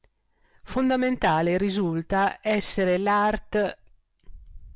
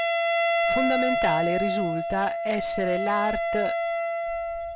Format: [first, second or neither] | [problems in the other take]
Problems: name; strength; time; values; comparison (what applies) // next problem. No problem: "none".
first | background sound (Wind instrument, woodwind instrument); 3 dB above the speech